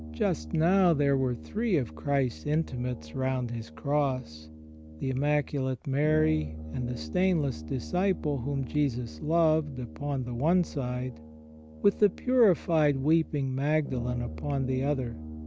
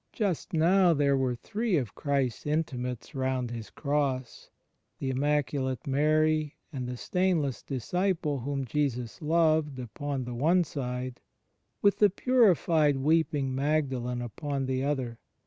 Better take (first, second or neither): second